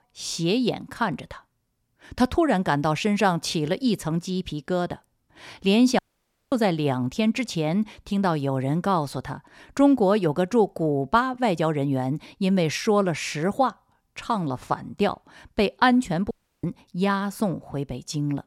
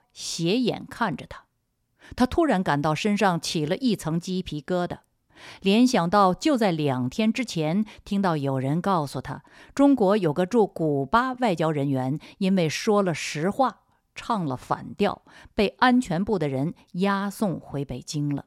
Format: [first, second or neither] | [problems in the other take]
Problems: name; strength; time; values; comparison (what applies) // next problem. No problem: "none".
second | audio cutting out; at 6 s for 0.5 s and at 16 s